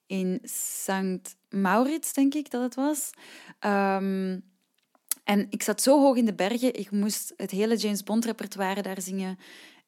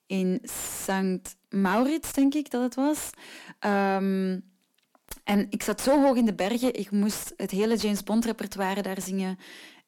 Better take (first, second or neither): first